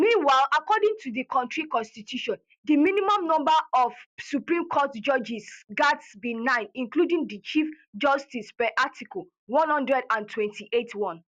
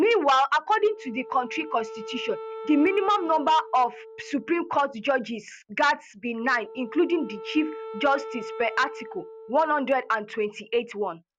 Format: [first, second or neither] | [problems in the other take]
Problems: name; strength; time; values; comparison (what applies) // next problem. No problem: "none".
first | background sound (Wind instrument, woodwind instrument); 15 dB below the speech